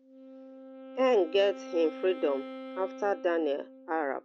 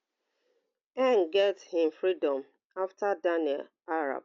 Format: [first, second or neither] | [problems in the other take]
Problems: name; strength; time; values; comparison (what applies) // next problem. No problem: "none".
second | background sound (Wind instrument, woodwind instrument); 14 dB below the speech